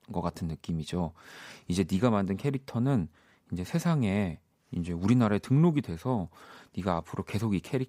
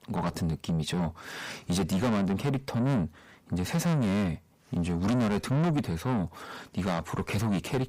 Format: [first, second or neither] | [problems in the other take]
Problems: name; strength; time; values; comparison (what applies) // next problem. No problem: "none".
first | distortion; heavy; 5 dB below the speech